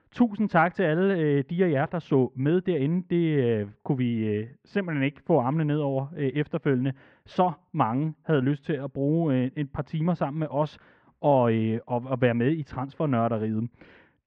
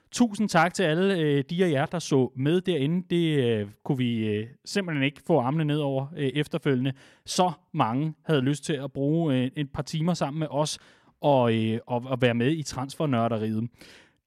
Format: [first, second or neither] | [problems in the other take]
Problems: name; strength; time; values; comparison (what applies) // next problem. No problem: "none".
second | muffled; very; fading above 2 kHz